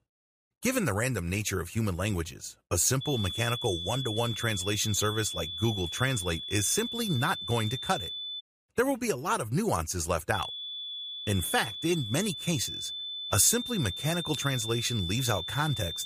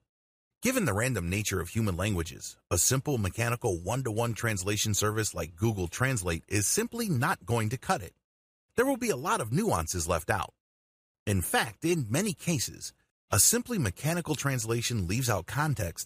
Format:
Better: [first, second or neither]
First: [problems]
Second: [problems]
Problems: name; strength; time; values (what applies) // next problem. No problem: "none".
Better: second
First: high-pitched whine; loud; from 3 to 8.5 s and from 10 s on; 3.5 kHz, 6 dB below the speech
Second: none